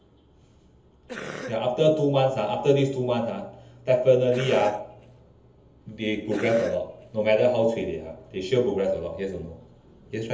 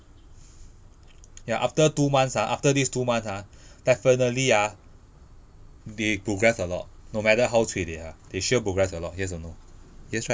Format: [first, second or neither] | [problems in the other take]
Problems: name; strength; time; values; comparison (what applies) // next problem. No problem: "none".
second | background sound (Cough); 14 dB below the speech // room echo; dies away in 0.7 s